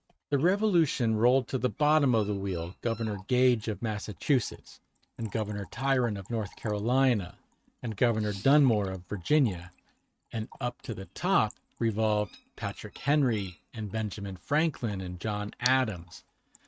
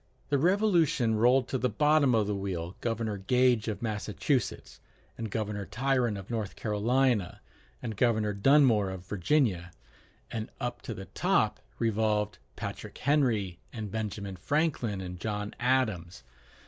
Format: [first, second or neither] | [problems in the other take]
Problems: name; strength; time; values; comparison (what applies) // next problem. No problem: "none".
second | noise reduction (neural mask model RNNoise)